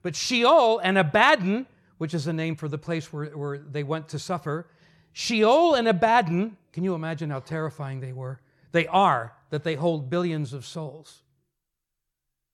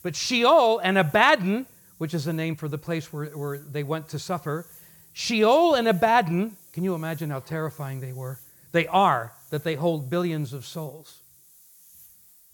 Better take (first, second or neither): first